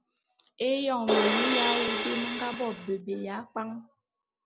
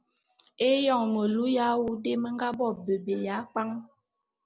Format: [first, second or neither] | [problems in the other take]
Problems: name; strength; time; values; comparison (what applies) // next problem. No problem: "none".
second | background sound (Crash cymbal); 3 dB above the speech